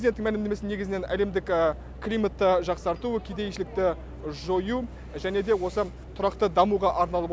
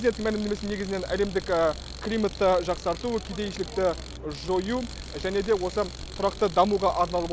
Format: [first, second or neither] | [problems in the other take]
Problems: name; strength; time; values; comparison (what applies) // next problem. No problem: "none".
first | background sound (Tools); 15 dB below the speech